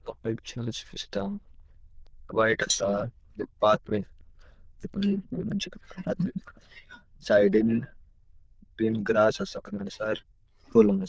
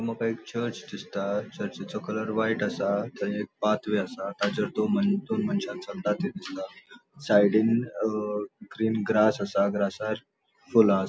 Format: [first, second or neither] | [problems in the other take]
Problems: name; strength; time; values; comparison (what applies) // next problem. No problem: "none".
second | noise reduction (neural diffusion model UNIVERSE++)